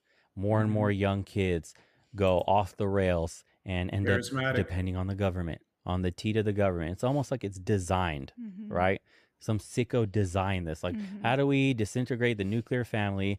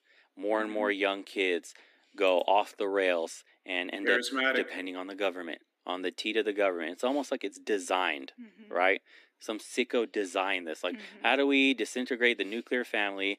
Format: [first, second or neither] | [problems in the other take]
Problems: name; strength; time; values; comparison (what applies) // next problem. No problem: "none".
first | thin; somewhat; fading below 250 Hz